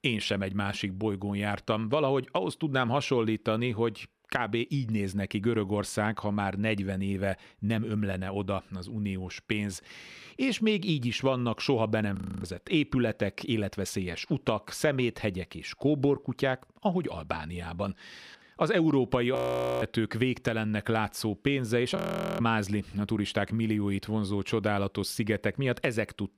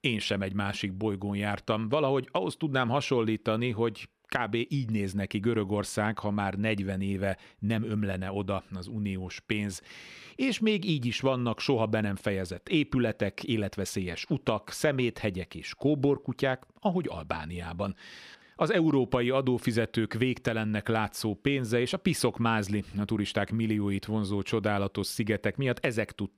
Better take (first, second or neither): second